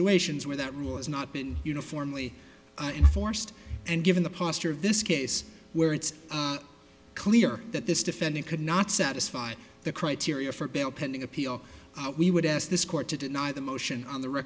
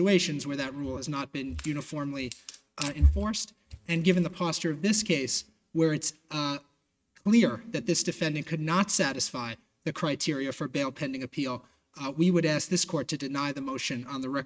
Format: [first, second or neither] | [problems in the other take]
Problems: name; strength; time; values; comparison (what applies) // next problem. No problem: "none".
first | noise reduction (neural mask model RNNoise)